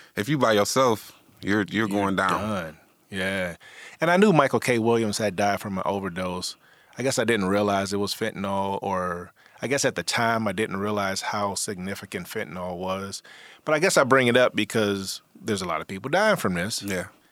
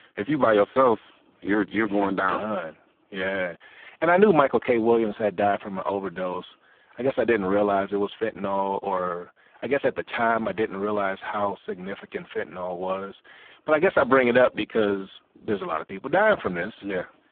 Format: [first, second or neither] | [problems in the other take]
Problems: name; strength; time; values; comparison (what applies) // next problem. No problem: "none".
first | phone-call audio; poor line